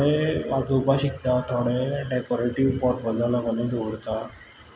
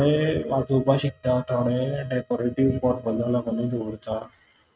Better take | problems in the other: first | noise reduction (neural mask model RNNoise)

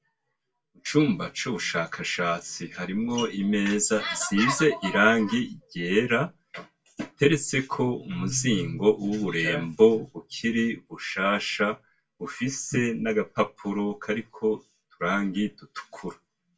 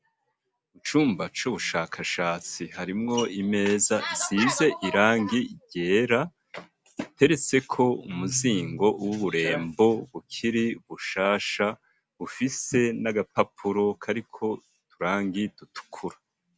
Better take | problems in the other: second | room echo; dies away in 0.1 s

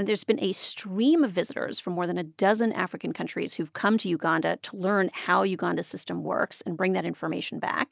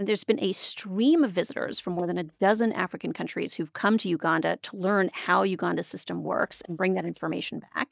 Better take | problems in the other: first | noise reduction (neural mask model DeepFilterNet 3)

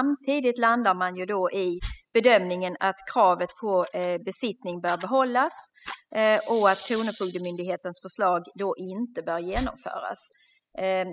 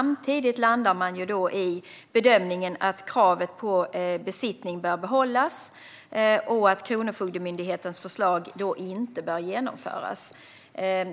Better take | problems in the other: second | noise reduction (classical method spectral subtraction)

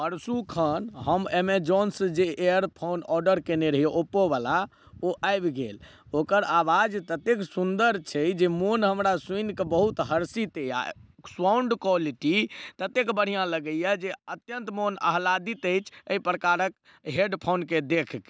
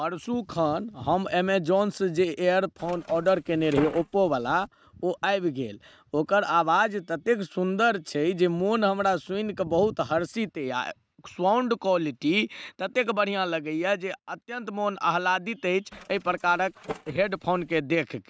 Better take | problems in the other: first | noise reduction (neural mask model RNNoise)

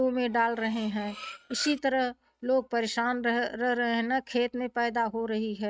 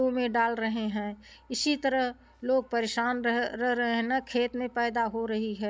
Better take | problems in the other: second | noise reduction (neural mask model RNNoise)

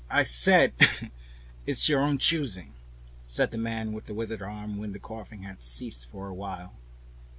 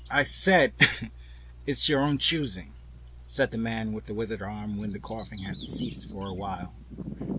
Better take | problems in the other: first | background sound (Bird vocalization, bird call, bird song); 14 dB below the speech

